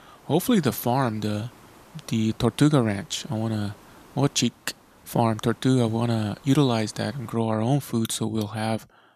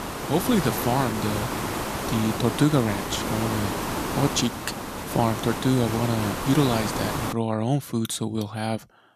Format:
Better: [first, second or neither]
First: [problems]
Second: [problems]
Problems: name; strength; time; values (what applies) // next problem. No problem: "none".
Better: first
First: hiss; faint; until 7.5 s; 25 dB below the speech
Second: hiss; loud; until 7.5 s; 3 dB below the speech